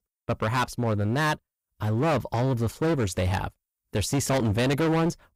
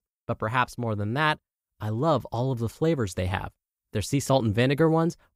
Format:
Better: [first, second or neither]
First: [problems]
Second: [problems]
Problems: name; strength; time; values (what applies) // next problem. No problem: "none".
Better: second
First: distortion; heavy; 18% of the sound clipped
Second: none